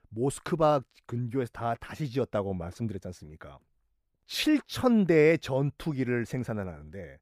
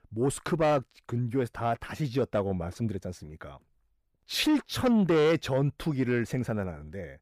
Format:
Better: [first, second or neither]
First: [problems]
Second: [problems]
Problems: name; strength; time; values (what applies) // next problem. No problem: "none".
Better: first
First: none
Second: distortion; slight; 10 dB below the speech